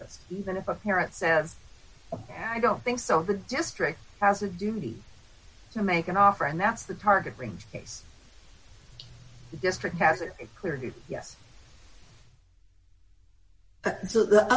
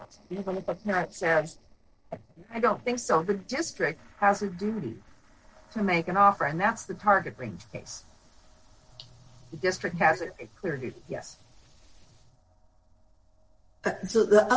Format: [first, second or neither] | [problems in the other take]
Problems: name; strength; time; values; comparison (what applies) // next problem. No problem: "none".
first | noise reduction (neural separator model SepFormer DNS4)